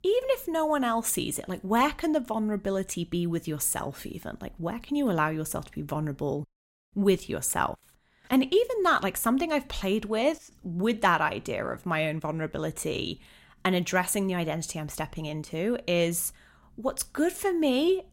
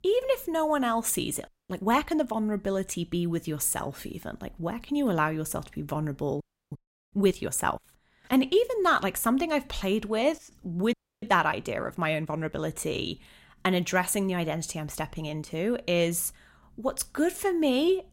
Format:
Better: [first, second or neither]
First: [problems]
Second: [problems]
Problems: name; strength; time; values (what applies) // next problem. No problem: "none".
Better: first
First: none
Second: audio freezing; at 1.5 s, at 6.5 s and at 11 s